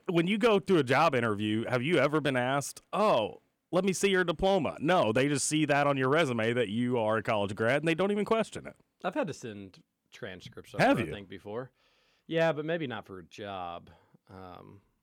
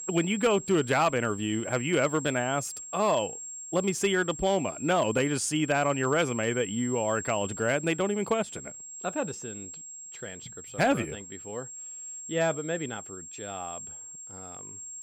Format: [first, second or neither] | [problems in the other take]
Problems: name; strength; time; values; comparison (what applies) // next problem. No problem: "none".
first | high-pitched whine; noticeable; throughout; 7.5 kHz, 10 dB below the speech